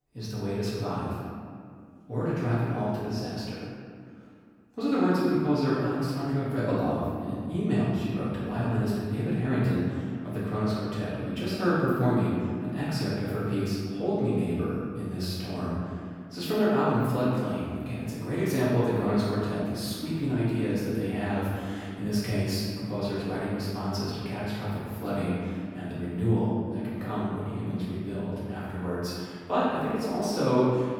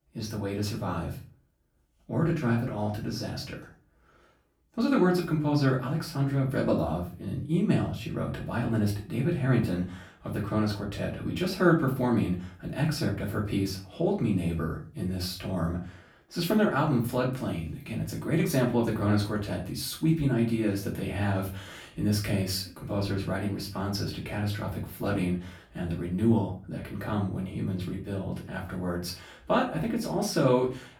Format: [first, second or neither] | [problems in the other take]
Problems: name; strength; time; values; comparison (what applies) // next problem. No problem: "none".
second | room echo; strong; dies away in 2 s; slight in the second // off-mic speech; far; far in the second